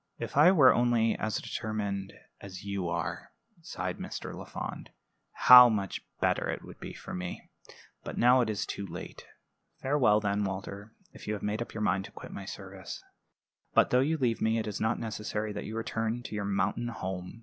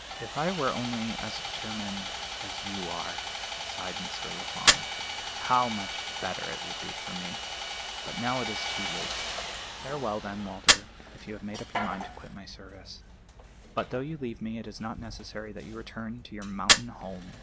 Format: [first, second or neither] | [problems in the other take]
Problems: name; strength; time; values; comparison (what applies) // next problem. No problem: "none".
first | background sound (Fire + Sawing); 3 dB above the speech